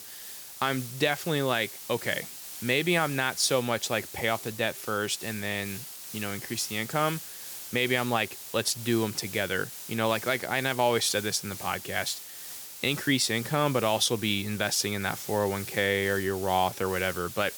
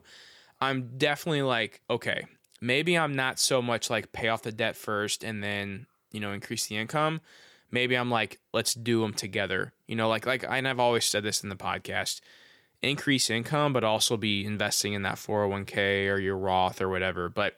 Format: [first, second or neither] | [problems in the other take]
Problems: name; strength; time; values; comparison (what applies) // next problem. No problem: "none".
second | hiss; noticeable; throughout; 10 dB below the speech